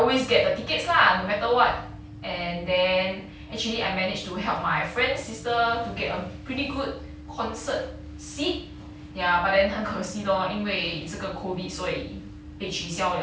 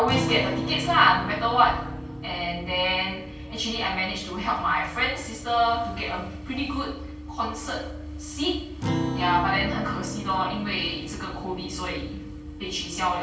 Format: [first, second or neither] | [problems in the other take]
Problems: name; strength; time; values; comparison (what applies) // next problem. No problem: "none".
first | background sound (Acoustic guitar); 8 dB below the speech // room echo; dies away in 2 s